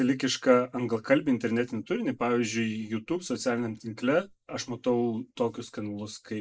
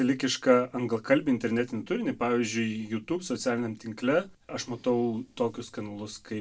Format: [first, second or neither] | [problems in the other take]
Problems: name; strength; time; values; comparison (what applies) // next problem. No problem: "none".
second | noise reduction (neural mask model Resemble Enhance denoiser)